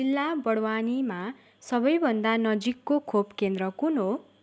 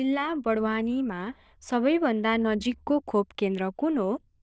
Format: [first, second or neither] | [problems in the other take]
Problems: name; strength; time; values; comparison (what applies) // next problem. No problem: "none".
first | noise reduction (neural diffusion model UNIVERSE++)